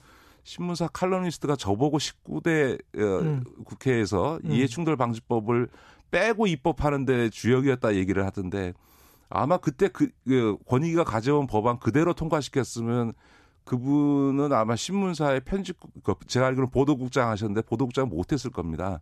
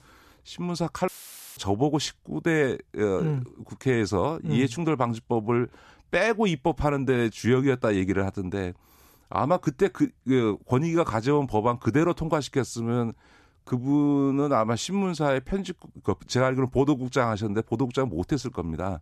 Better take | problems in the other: first | audio cutting out; filled with static; at 1 s

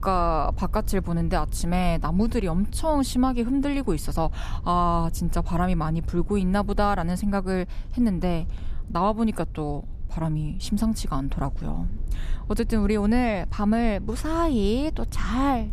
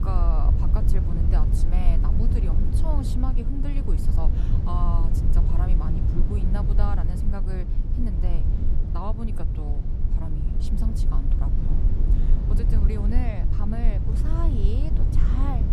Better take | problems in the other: first | low rumble; loud; throughout; 2 dB below the speech; faint in the first

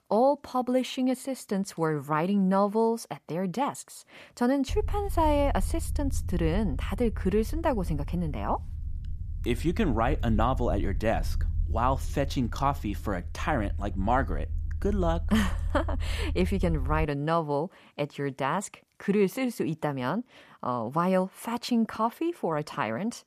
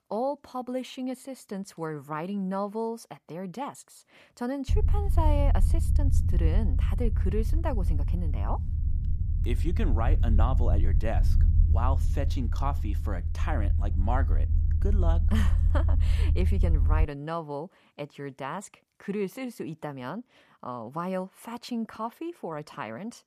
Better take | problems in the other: first | low rumble; loud; from 4.5 to 17 s; 9 dB below the speech; faint in the first

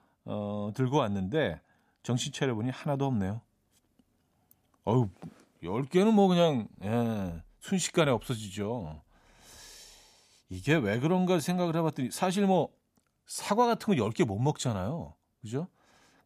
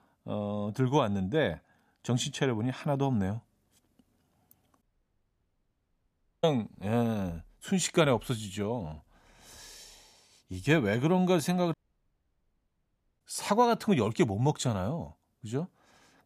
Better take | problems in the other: first | audio cutting out; at 5 s for 1.5 s and at 12 s for 1.5 s

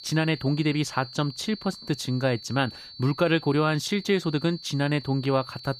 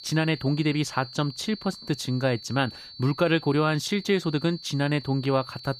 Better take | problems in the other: neither | high-pitched whine; noticeable; throughout; 4.5 kHz, 15 dB below the speech; the same in both

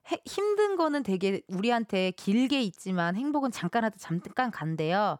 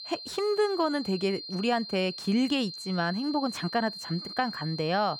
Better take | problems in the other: first | high-pitched whine; loud; throughout; 4 kHz, 9 dB below the speech

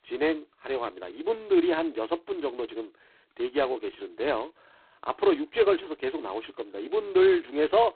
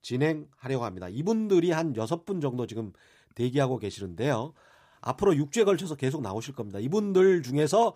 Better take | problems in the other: second | phone-call audio; poor line; nothing above 4 kHz

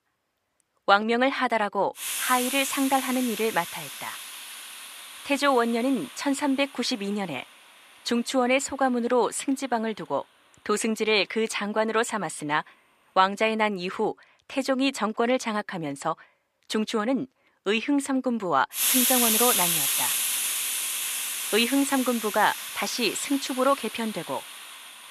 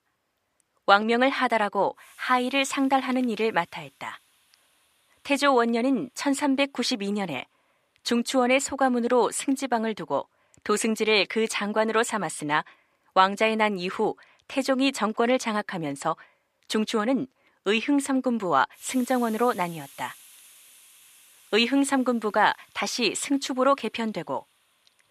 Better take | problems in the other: second | hiss; loud; from 2 to 13 s and from 19 s on; 1 dB below the speech; faint in the second

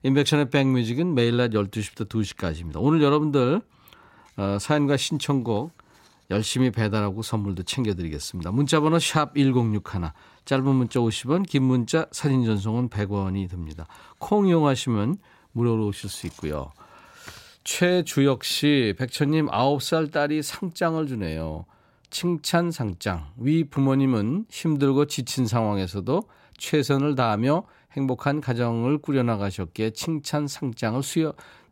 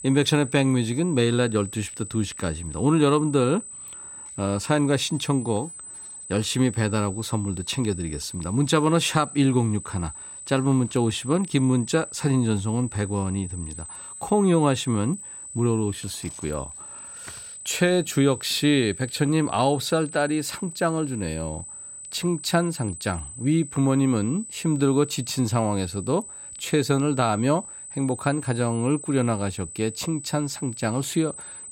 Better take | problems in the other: first | high-pitched whine; noticeable; throughout; 8 kHz, 10 dB below the speech

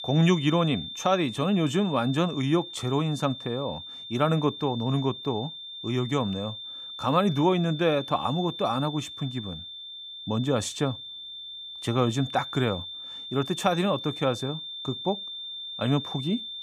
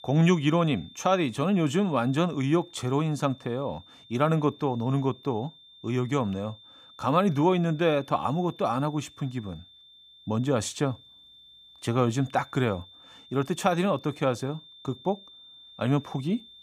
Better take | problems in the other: second | high-pitched whine; loud; throughout; 3.5 kHz, 9 dB below the speech; faint in the second

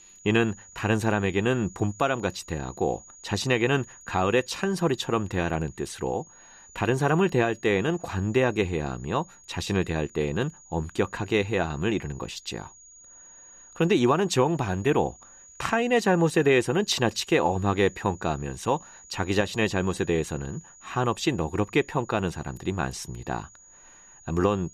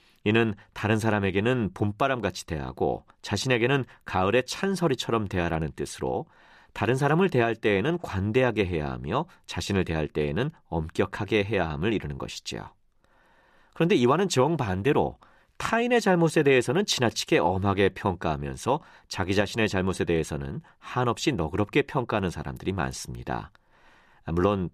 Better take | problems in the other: second | high-pitched whine; faint; throughout; 7 kHz, 20 dB below the speech

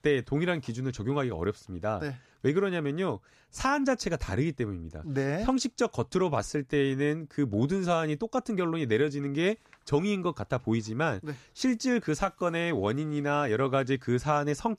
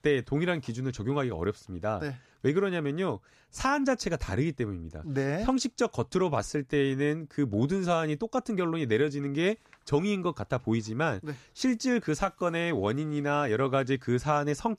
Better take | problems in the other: neither | none

